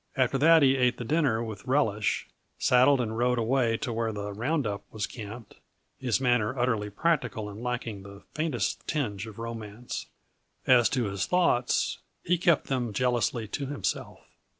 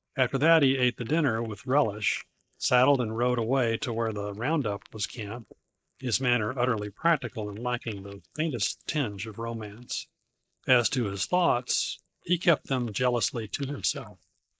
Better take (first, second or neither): first